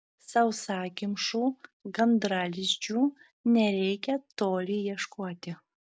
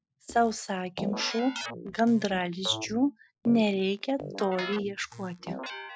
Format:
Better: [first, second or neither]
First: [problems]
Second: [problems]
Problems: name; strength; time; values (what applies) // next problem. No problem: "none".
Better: first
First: none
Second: noise reduction (classical method Wiener filter)